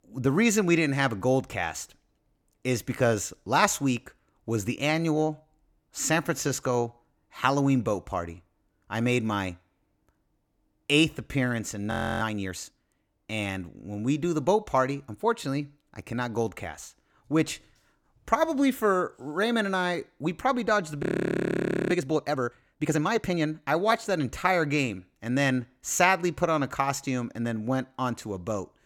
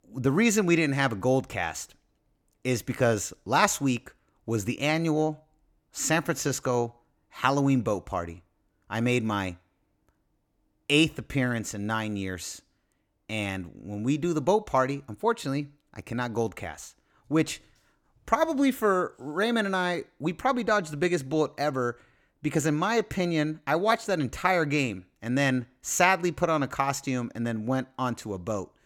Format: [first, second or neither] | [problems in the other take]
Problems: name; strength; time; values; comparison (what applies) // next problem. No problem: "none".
second | audio freezing; at 12 s and at 21 s for 1 s